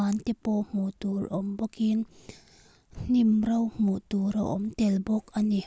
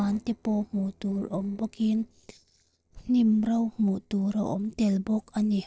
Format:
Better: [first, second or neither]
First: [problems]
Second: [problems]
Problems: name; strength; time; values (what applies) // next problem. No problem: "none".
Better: first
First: none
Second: noise reduction (neural separator model SepFormer DNS4)